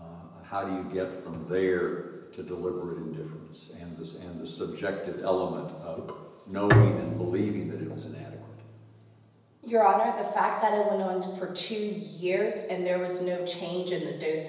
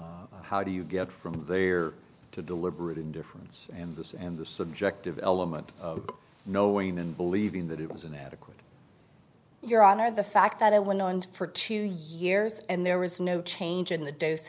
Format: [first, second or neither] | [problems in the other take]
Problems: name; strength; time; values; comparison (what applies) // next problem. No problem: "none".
second | background sound (Bowed string instrument); 1 dB above the speech // room echo; dies away in 1 s